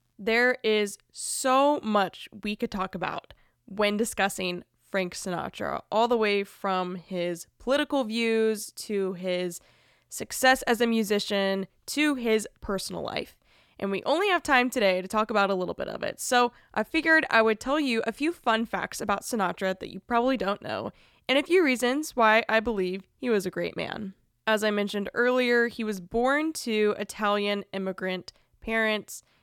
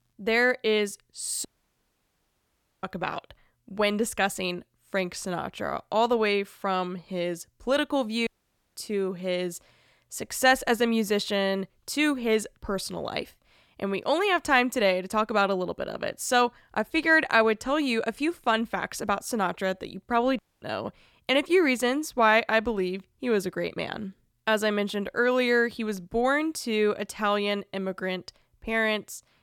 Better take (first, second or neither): first